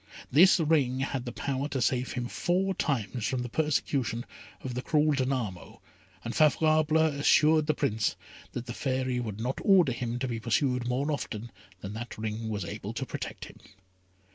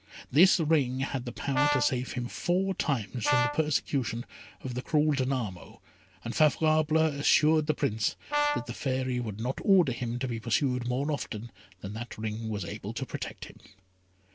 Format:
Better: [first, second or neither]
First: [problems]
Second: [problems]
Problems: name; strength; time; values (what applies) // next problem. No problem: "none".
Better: first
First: none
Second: background sound (Brass instrument); 4 dB below the speech